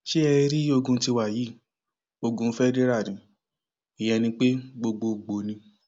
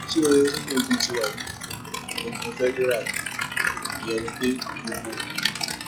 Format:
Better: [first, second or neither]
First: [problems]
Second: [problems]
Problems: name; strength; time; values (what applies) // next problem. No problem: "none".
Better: first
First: none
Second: noise reduction (classical method log-MMSE)